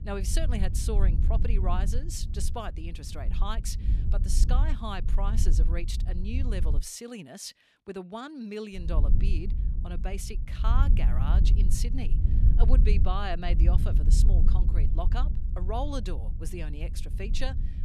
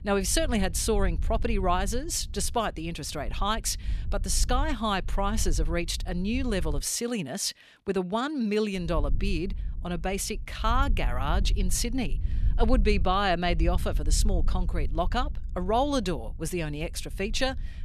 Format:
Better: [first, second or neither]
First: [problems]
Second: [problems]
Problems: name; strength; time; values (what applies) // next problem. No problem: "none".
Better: second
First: wind noise on the microphone; heavy; until 7 s and from 9 s on; 8 dB below the speech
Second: wind noise on the microphone; occasional gusts; until 7 s and from 9 s on; 25 dB below the speech